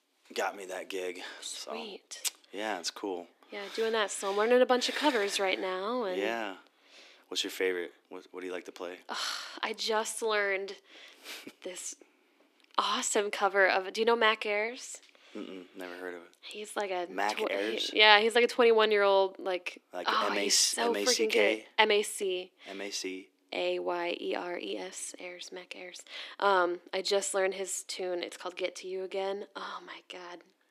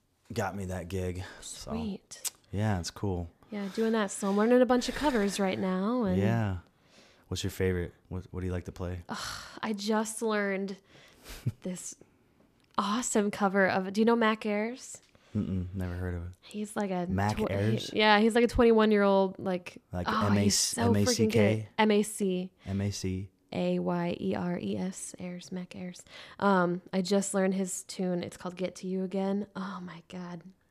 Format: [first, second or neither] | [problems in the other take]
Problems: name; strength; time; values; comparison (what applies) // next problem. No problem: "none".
second | thin; very; fading below 300 Hz